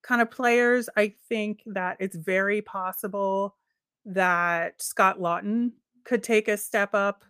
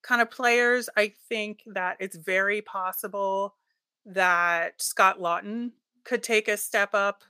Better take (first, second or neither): first